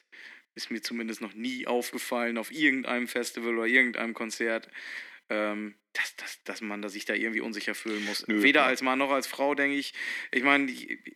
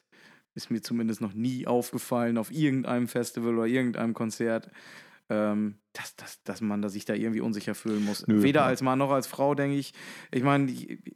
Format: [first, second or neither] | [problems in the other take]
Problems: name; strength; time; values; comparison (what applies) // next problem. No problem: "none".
second | thin; very slightly; fading below 300 Hz